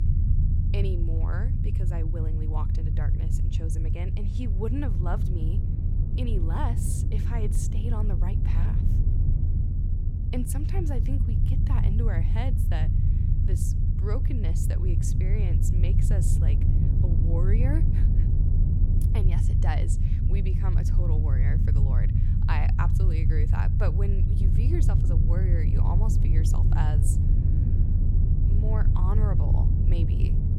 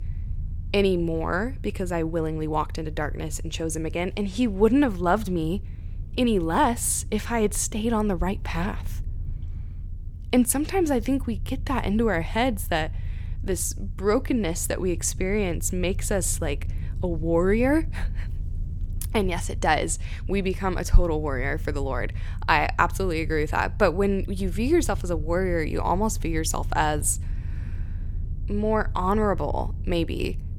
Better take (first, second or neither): second